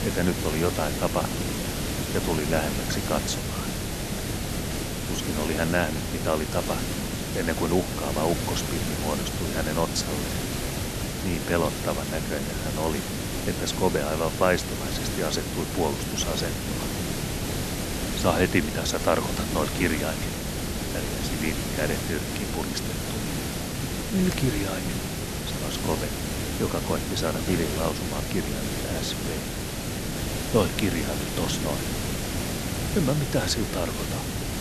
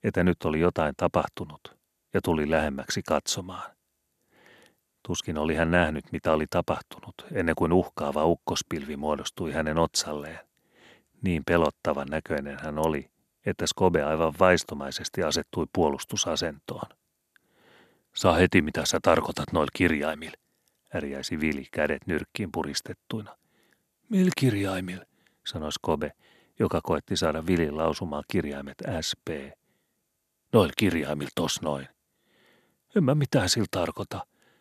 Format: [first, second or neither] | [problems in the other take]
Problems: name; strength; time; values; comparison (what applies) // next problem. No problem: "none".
second | hiss; loud; throughout; 1 dB below the speech